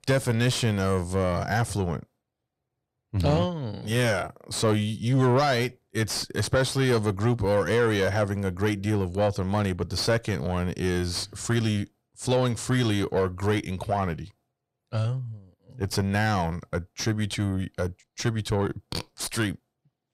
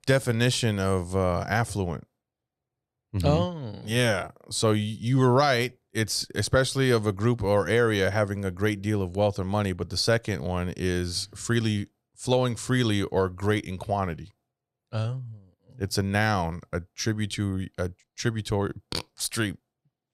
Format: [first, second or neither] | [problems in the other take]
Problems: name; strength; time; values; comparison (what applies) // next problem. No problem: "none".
second | distortion; slight; 10 dB below the speech